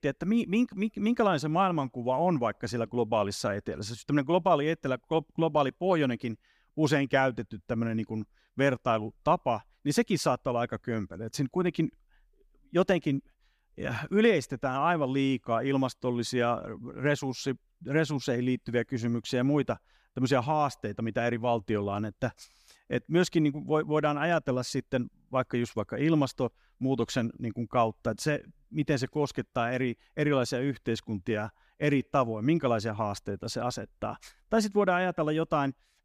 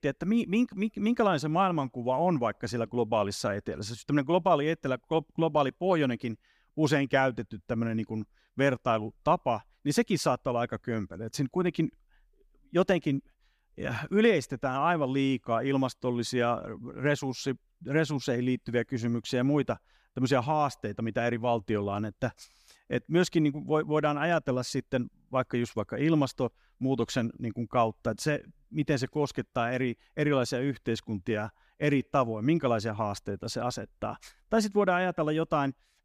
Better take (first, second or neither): neither